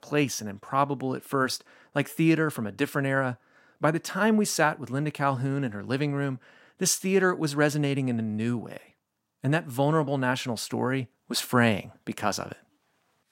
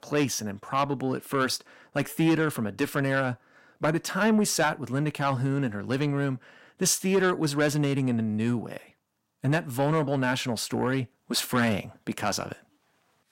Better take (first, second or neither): first